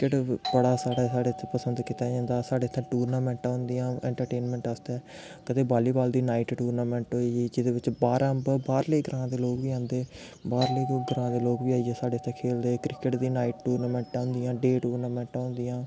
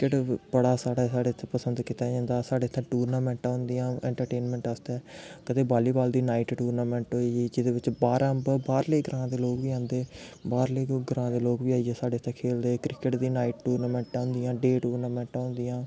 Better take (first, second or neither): second